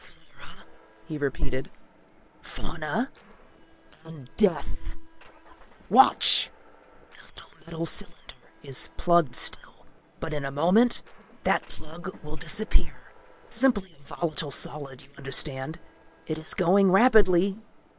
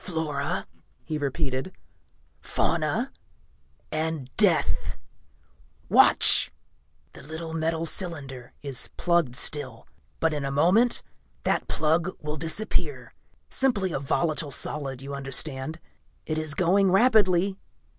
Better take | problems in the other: second | noise reduction (neural separator model SepFormer WHAM!)

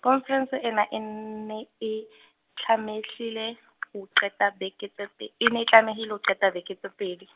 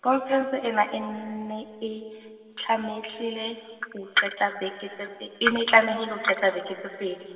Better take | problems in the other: first | room echo; dies away in 2.7 s

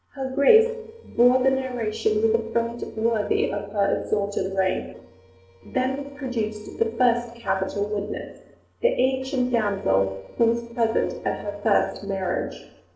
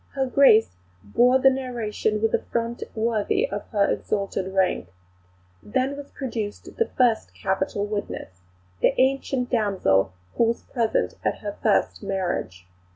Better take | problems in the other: second | noise reduction (neural separator model SepFormer DNS4)

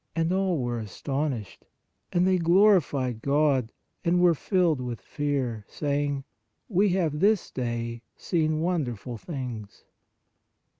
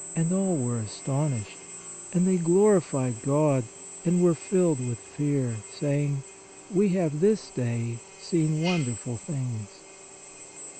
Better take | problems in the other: first | background sound (Drill); 14 dB below the speech

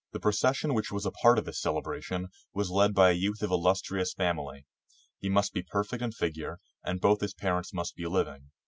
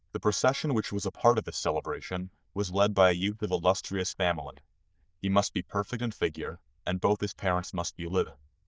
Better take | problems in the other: first | noise reduction (neural diffusion model UNIVERSE++)

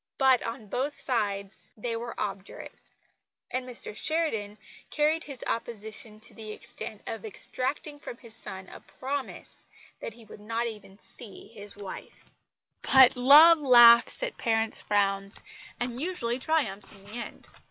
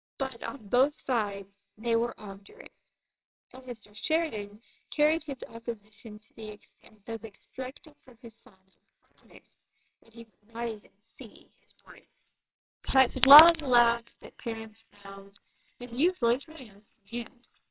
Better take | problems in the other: first | noise reduction (neural separator model SepFormer WHAMR!)

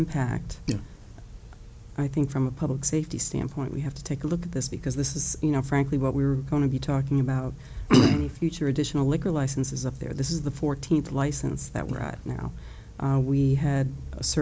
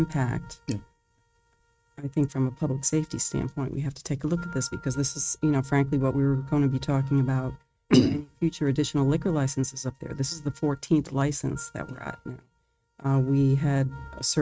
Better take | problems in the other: first | noise reduction (neural mask model RNNoise)

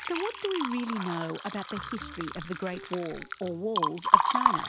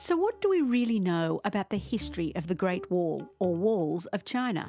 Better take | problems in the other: second | background sound (Liquid); 4 dB above the speech

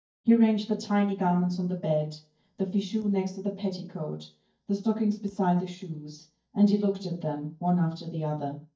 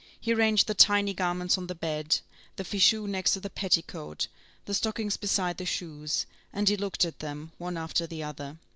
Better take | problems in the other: second | noise reduction (neural mask model DeepFilterNet 3)

